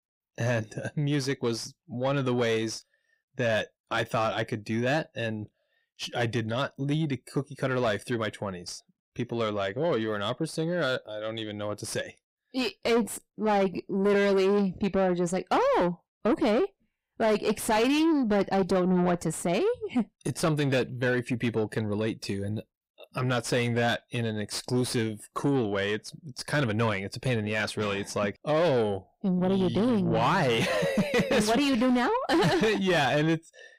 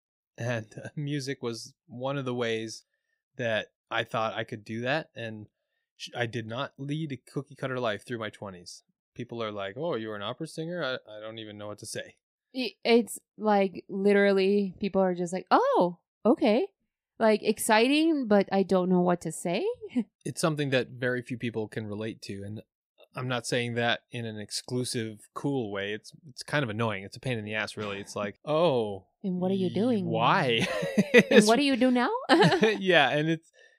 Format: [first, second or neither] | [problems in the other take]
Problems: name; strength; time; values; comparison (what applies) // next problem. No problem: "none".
second | distortion; heavy; 5 dB below the speech